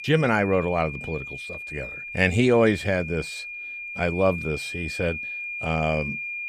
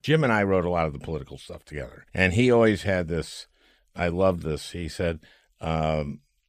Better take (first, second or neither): second